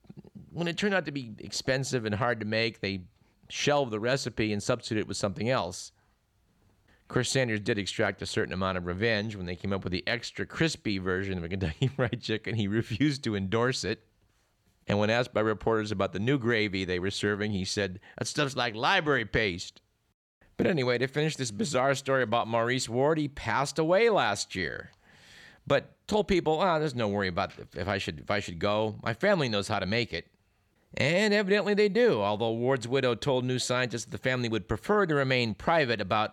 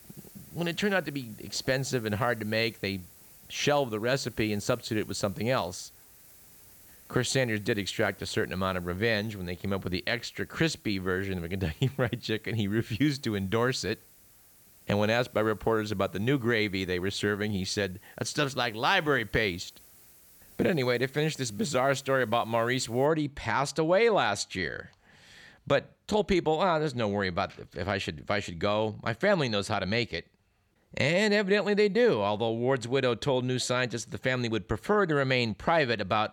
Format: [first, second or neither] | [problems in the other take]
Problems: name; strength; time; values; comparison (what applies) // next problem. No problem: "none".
first | hiss; faint; until 23 s; 25 dB below the speech